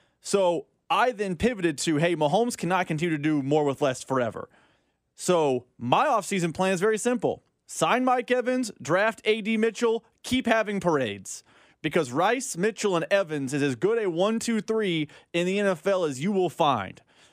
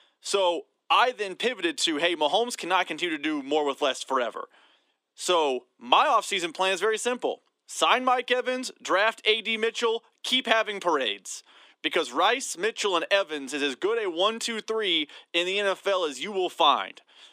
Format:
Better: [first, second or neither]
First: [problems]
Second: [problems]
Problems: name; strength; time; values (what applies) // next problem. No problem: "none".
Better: first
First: none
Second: thin; somewhat; fading below 300 Hz